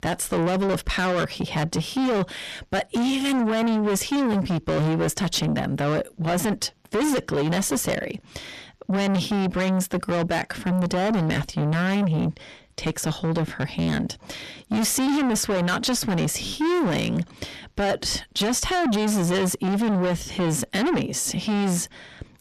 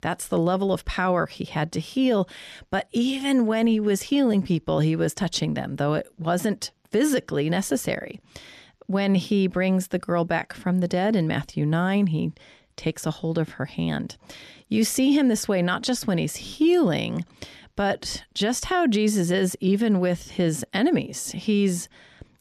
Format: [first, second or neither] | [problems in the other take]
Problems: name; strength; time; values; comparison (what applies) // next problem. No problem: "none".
second | distortion; heavy; 6 dB below the speech